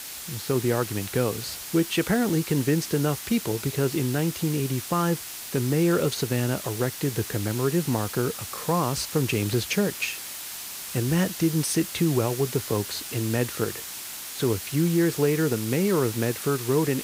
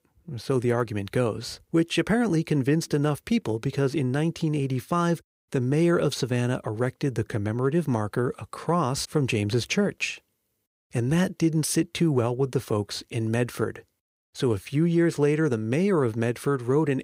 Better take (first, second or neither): second